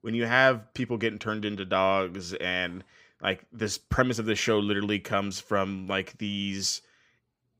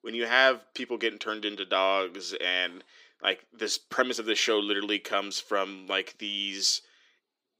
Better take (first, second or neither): first